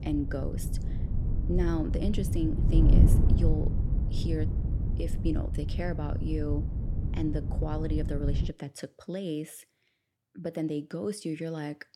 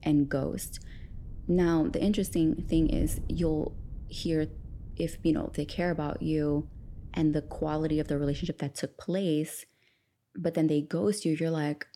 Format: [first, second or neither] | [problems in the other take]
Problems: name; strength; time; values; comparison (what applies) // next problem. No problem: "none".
second | wind noise on the microphone; heavy; until 8.5 s; 5 dB below the speech; occasional gusts in the second